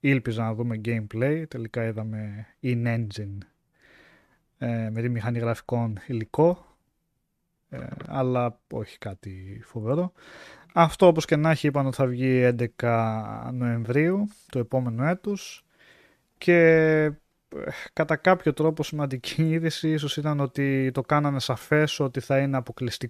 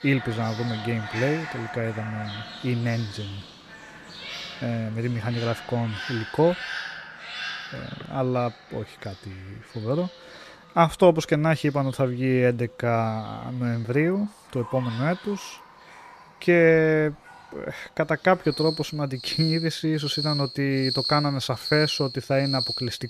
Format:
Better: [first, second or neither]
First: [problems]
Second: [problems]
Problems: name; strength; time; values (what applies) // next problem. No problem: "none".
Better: first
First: none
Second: animal sounds; loud; throughout; 8 dB below the speech